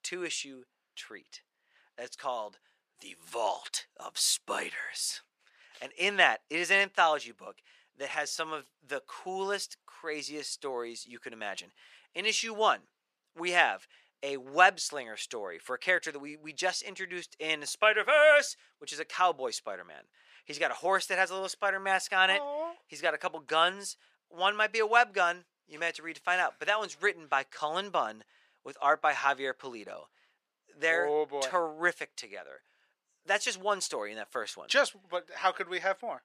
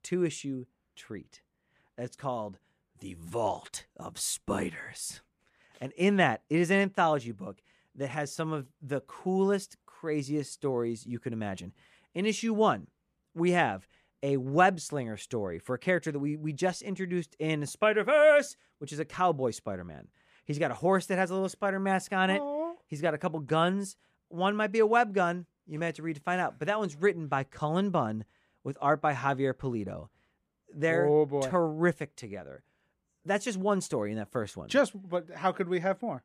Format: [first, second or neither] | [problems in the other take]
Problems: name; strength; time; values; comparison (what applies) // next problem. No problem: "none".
second | thin; very; fading below 650 Hz